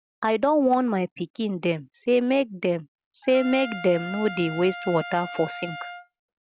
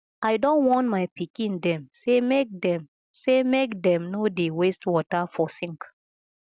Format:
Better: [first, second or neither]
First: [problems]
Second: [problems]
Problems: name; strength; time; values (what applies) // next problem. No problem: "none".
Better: second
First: background sound (Trumpet); 12 dB below the speech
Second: none